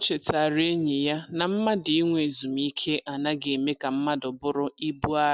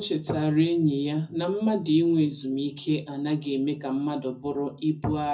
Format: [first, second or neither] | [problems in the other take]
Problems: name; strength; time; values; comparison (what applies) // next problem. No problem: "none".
first | room echo; dies away in 0.4 s